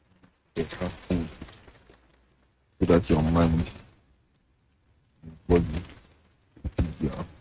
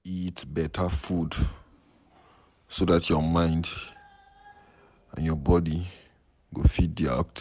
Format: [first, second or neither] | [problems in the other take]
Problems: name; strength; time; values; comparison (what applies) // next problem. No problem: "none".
second | noise reduction (neural mask model RNNoise)